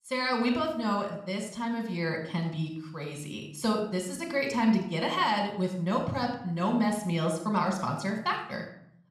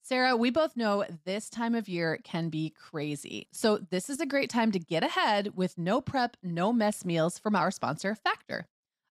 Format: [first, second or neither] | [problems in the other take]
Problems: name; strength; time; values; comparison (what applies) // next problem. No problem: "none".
second | room echo; slight; dies away in 0.6 s